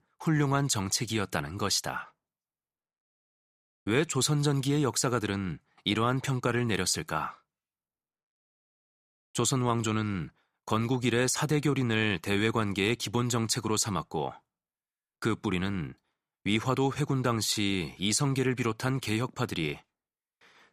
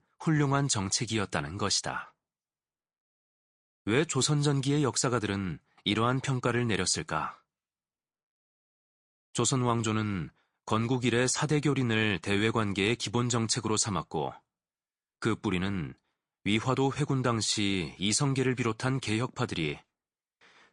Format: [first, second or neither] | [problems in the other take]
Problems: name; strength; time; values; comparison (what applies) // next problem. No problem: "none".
first | garbled, watery; slightly; nothing above 9 kHz